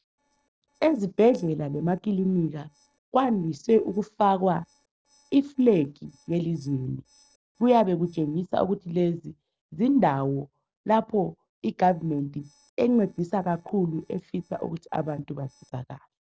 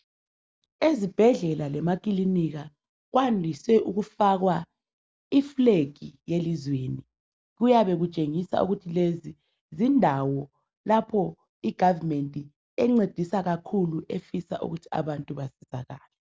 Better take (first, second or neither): second